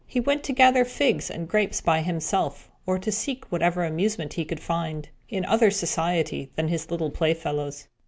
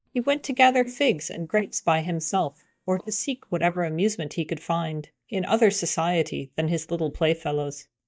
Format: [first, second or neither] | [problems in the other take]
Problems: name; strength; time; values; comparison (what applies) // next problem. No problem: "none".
first | noise reduction (neural mask model DeepFilterNet 3)